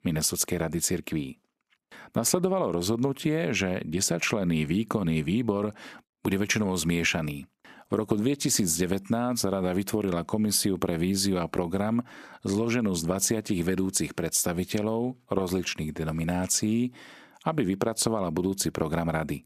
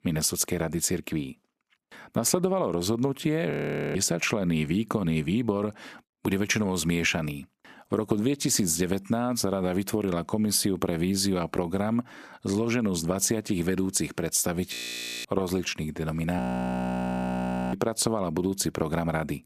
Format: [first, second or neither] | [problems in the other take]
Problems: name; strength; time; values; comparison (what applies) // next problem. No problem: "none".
first | audio freezing; at 3.5 s, at 15 s for 0.5 s and at 16 s for 1.5 s